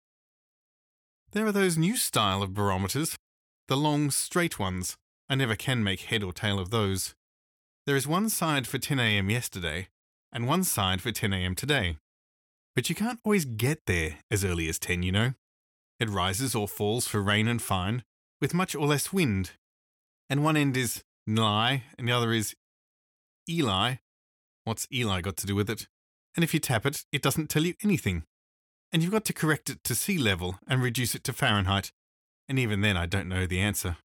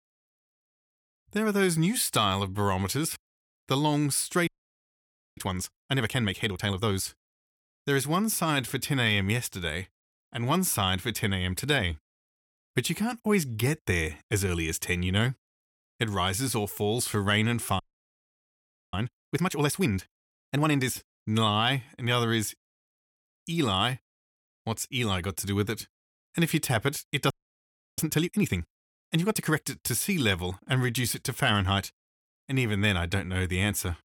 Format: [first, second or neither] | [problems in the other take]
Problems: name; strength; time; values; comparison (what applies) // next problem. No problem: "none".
first | audio freezing; at 4.5 s for 1 s, at 18 s for 1 s and at 27 s for 0.5 s